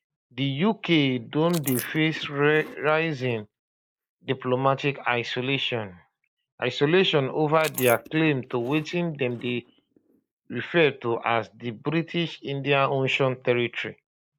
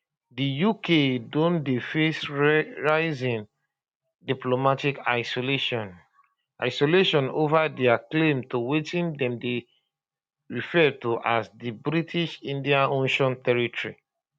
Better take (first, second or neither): second